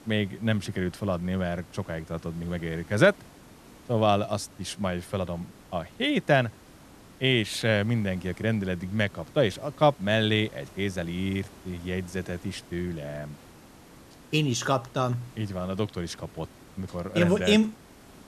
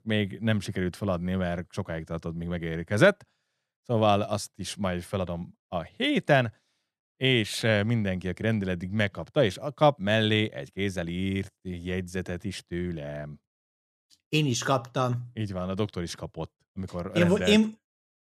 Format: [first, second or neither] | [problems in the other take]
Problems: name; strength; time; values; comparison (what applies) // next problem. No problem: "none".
second | hiss; faint; throughout; 25 dB below the speech